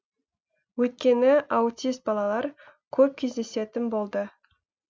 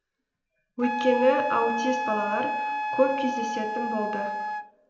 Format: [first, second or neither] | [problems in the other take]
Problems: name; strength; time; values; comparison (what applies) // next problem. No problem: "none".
first | background sound (Wind instrument, woodwind instrument); 2 dB below the speech // room echo; dies away in 0.9 s